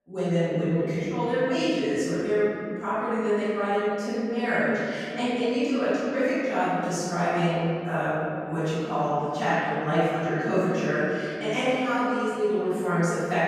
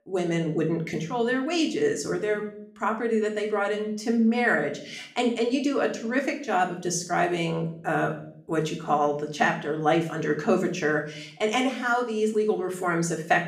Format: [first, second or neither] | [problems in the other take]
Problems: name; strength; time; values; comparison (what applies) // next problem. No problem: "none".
second | room echo; strong; dies away in 2.5 s; slight in the second // off-mic speech; far; somewhat distant in the second